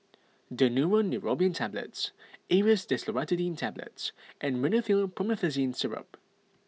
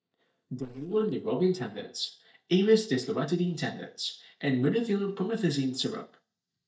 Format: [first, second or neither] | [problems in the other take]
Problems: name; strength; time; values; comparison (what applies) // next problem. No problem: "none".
first | noise reduction (neural mask model DeepFilterNet 3)